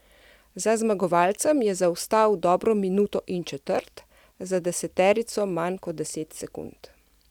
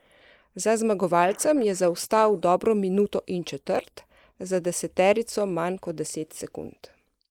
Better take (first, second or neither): first